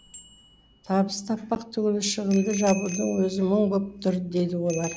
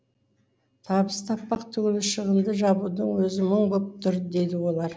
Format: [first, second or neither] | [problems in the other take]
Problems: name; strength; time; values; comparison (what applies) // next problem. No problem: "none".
second | background sound (Bicycle bell); 17 dB below the speech